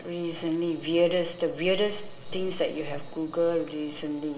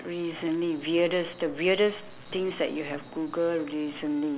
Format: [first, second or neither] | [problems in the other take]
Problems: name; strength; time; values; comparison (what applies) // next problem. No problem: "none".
second | room echo; dies away in 2.7 s